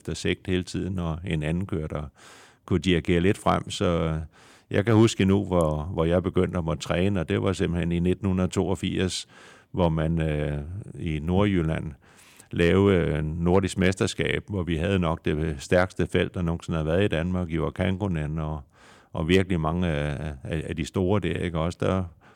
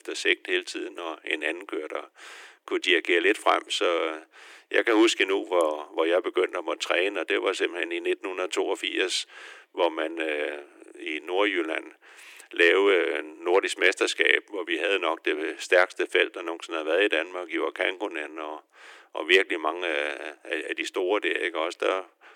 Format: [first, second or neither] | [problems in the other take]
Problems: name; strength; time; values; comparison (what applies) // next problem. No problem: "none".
first | thin; very; fading below 300 Hz